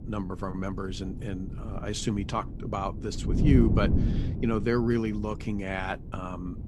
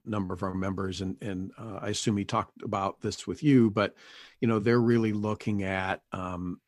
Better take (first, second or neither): second